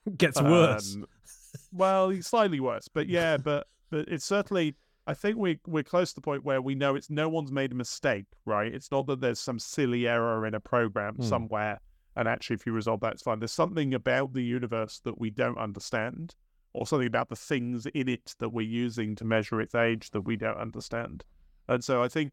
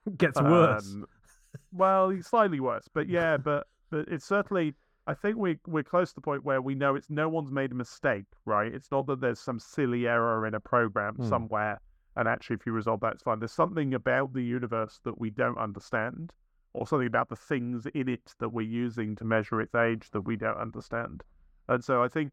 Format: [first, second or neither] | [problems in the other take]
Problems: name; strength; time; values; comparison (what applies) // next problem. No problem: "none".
first | muffled; slightly; fading above 2.5 kHz